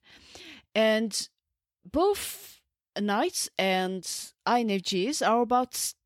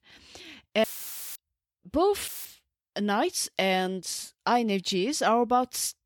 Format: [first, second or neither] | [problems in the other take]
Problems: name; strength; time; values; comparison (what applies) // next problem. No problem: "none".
first | audio cutting out; filled with static; at 1 s for 0.5 s and at 2.5 s